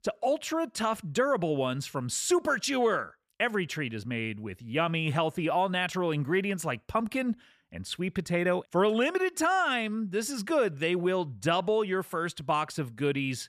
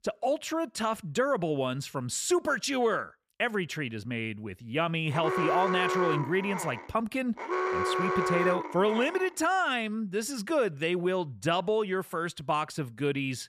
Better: first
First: none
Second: alarm; loud; from 5 to 9.5 s; peak 1 dB above the speech

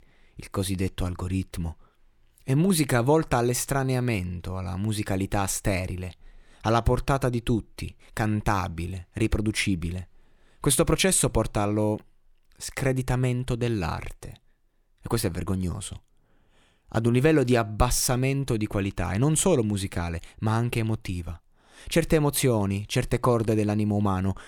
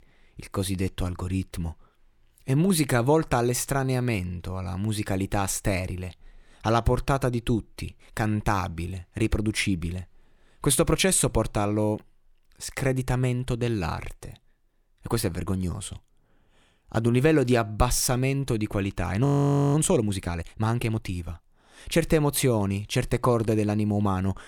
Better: first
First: none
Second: audio freezing; at 19 s

